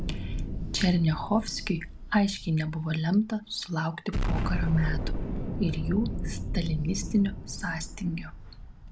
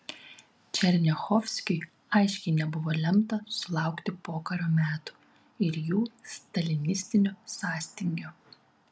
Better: second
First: background sound (Explosion); 3 dB below the speech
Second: none

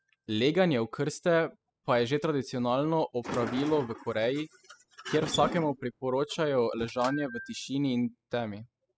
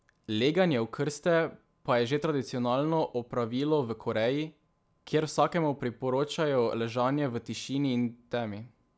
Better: second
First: noise reduction (classical method spectral subtraction)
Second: none

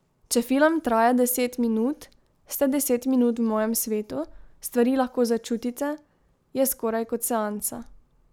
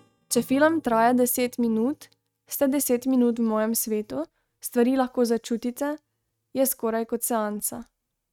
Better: first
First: none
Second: noise reduction (neural mask model RNNoise)

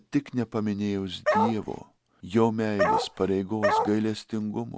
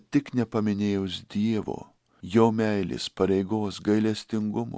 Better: second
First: background sound (Bark); 2 dB above the speech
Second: none

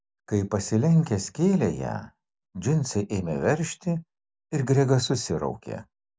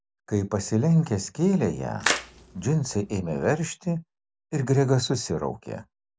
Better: first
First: none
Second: background sound (Splash, splatter); 6 dB below the speech

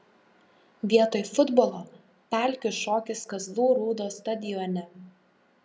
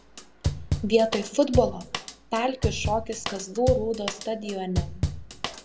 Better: first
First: none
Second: background sound (Drum / Drum kit); 4 dB below the speech

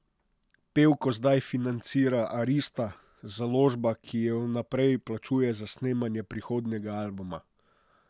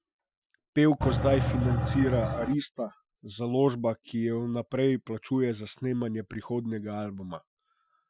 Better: first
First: none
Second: noise reduction (classical method Wiener filter)

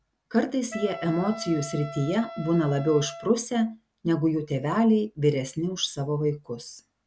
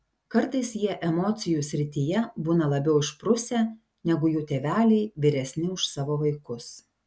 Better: second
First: background sound (Wind instrument, woodwind instrument); 13 dB below the speech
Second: none

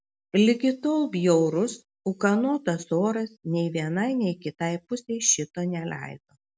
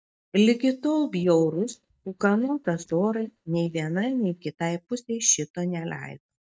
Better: first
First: none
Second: noise reduction (neural mask model DeepFilterNet 3)

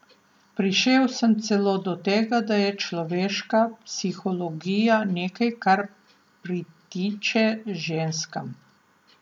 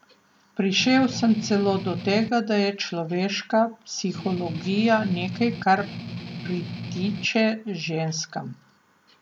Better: first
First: none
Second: background sound (Strum); 9 dB below the speech

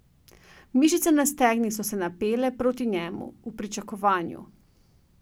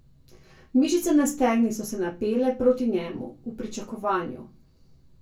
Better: first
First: none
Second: room echo; dies away in 0.2 s

